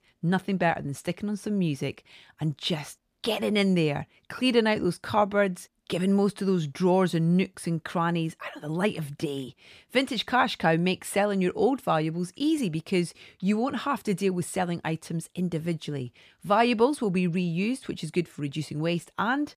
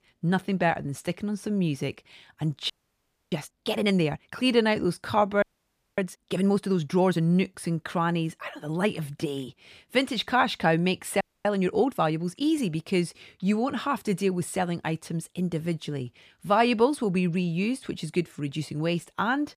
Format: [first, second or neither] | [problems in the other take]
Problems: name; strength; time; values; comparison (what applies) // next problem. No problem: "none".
first | audio freezing; at 2.5 s for 0.5 s, at 5.5 s for 0.5 s and at 11 s